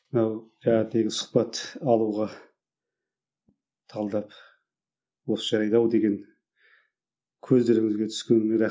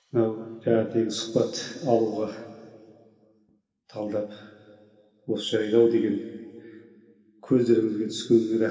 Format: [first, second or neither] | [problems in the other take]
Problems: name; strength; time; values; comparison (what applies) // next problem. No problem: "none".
first | room echo; dies away in 2.2 s